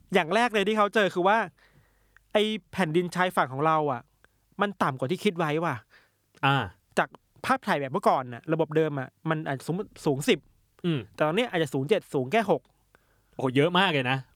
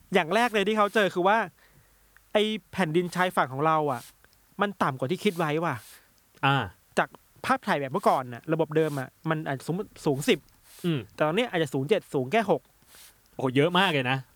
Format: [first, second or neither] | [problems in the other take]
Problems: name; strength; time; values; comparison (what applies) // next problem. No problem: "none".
first | hiss; faint; throughout; 25 dB below the speech